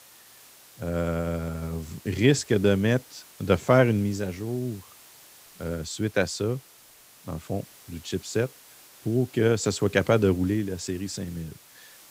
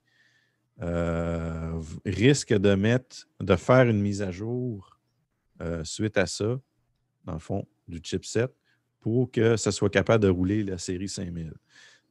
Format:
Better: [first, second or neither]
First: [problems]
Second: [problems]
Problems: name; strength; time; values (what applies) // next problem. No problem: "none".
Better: second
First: hiss; faint; throughout; 25 dB below the speech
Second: none